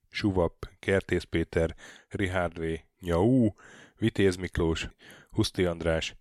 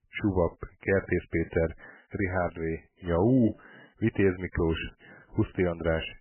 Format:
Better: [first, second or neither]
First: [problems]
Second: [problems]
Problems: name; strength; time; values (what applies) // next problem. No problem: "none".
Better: first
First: none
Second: garbled, watery; badly; nothing above 3 kHz